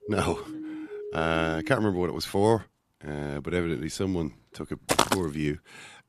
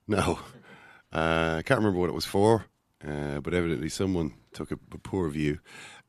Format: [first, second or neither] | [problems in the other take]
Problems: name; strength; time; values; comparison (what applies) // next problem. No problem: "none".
second | siren; noticeable; until 1.5 s; peak 9 dB below the speech // footsteps; loud; at 5 s; peak 5 dB above the speech